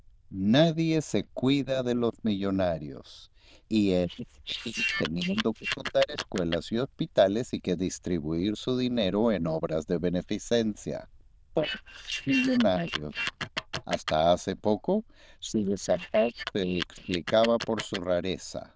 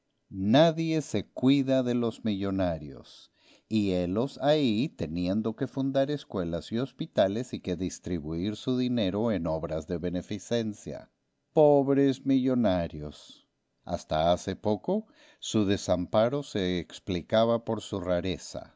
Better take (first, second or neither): second